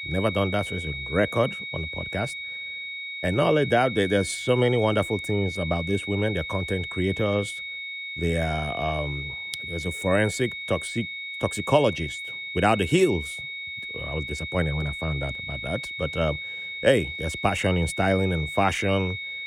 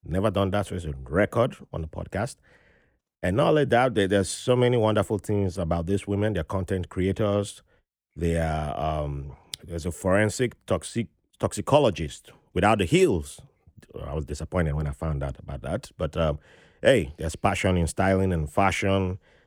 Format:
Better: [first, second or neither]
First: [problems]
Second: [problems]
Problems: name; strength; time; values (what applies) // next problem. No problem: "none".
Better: second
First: high-pitched whine; loud; throughout; 2 kHz, 6 dB below the speech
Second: none